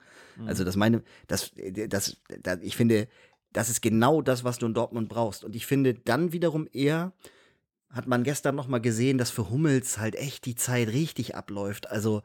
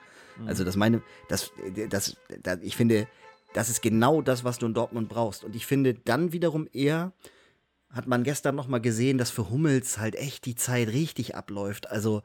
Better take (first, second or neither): first